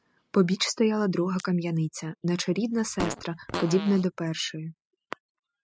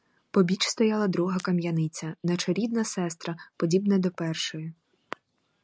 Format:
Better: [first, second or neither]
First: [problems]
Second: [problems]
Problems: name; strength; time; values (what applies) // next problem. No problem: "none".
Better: second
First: noise reduction (classical method spectral subtraction)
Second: none